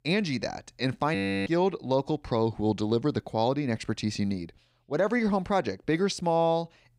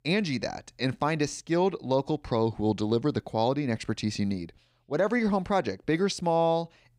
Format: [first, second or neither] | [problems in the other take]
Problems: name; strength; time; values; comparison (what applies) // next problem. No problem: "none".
second | audio freezing; at 1 s